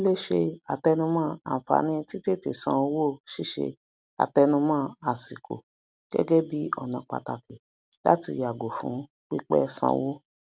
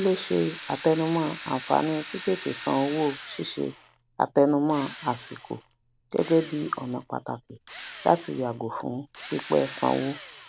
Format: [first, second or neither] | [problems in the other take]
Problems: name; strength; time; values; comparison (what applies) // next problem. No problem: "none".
first | background sound (Drill); 16 dB below the speech